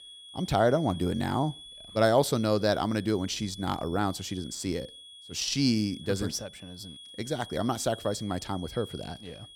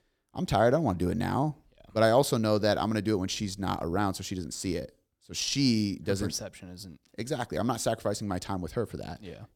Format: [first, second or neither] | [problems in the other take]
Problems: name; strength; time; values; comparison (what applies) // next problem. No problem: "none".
second | high-pitched whine; noticeable; throughout; 3.5 kHz, 15 dB below the speech